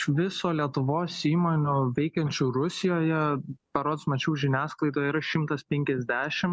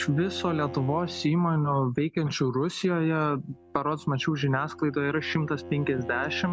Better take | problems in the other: first | background sound (Bowed string instrument); 15 dB below the speech

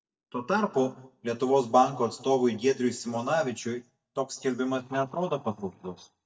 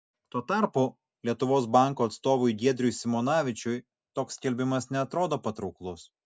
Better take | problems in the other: second | noise reduction (neural mask model DeepFilterNet 3)

